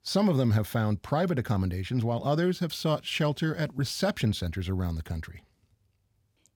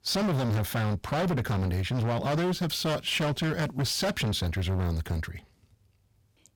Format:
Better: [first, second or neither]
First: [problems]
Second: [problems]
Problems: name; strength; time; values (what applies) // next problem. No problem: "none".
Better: first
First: none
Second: distortion; heavy; 25% of the sound clipped